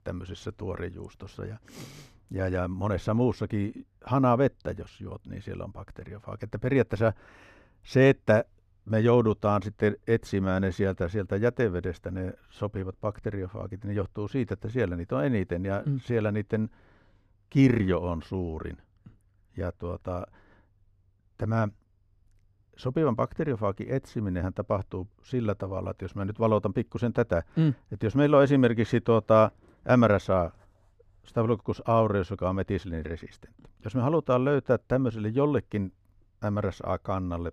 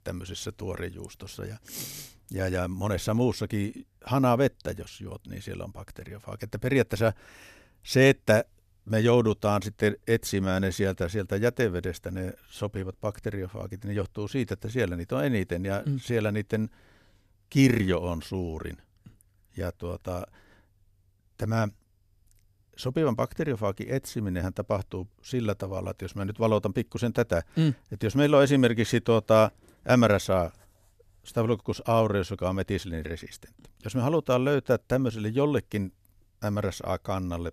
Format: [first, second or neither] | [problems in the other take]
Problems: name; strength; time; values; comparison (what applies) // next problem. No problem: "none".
second | muffled; slightly; fading above 1.5 kHz